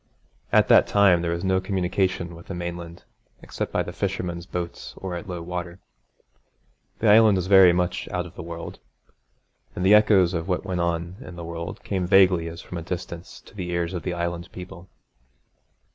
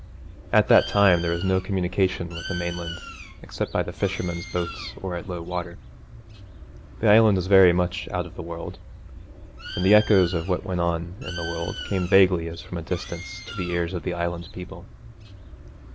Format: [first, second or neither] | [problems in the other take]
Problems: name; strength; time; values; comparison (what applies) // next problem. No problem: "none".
first | background sound (Bird); 14 dB below the speech